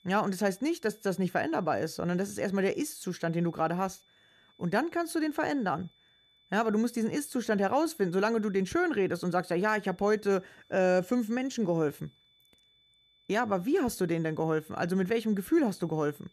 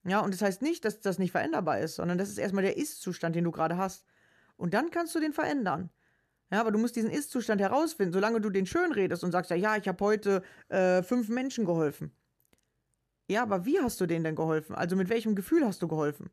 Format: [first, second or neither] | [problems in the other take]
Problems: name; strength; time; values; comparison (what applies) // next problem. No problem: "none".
second | high-pitched whine; faint; throughout; 3.5 kHz, 35 dB below the speech